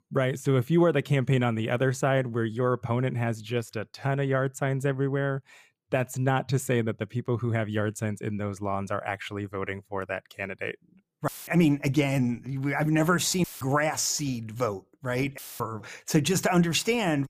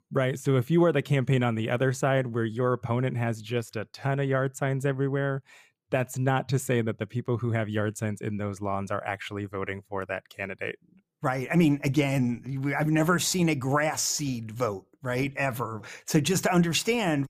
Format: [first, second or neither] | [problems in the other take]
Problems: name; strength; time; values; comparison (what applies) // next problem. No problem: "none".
second | audio cutting out; filled with static; at 11 s, at 13 s and at 15 s